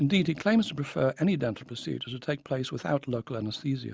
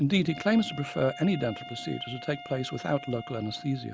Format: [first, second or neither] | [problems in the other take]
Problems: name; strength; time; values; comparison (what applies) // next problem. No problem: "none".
first | background sound (Wind instrument, woodwind instrument); 14 dB below the speech